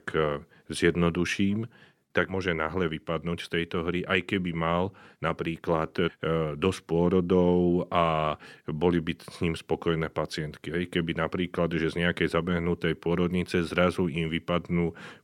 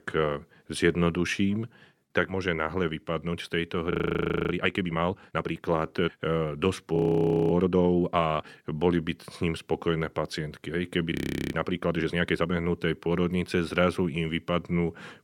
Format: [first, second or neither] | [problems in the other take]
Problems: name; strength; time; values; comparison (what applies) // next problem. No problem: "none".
first | audio freezing; at 4 s for 0.5 s, at 7 s for 0.5 s and at 11 s